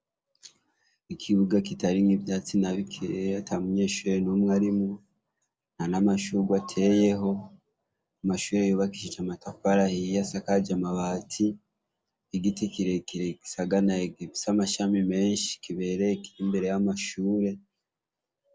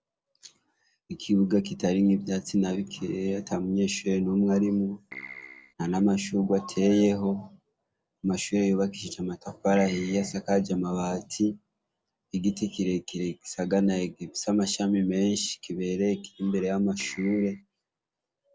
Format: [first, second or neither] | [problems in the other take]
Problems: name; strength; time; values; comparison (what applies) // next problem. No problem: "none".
first | background sound (Keyboard (musical)); 16 dB below the speech